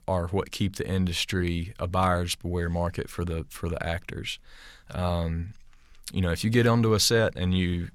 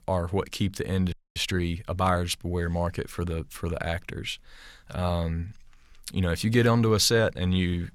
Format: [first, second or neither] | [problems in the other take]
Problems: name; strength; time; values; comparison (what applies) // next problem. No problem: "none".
first | audio freezing; at 1 s